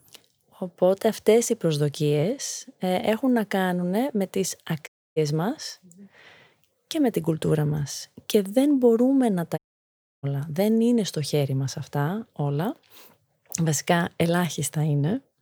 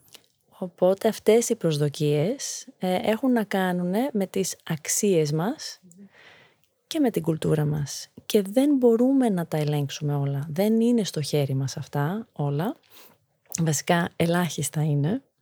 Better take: second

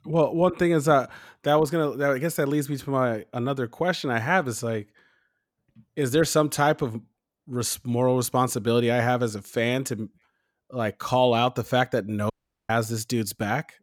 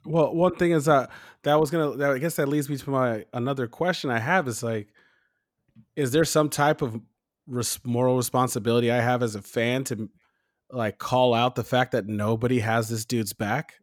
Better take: second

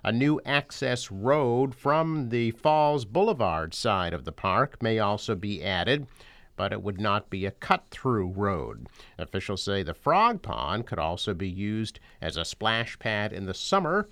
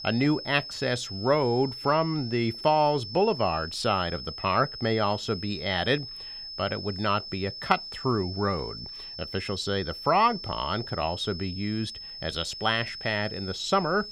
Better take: first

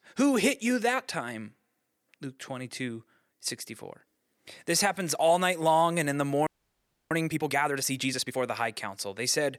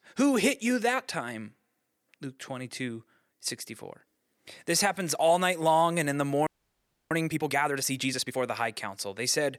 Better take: neither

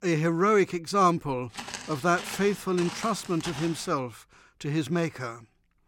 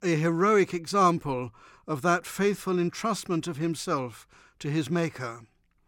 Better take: second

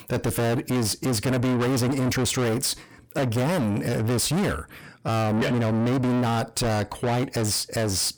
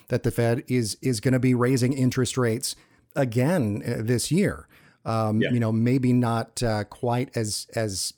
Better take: second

